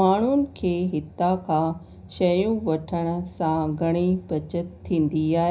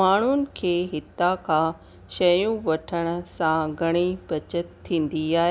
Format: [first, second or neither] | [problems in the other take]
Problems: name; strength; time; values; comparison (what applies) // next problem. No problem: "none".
second | room echo; dies away in 0.4 s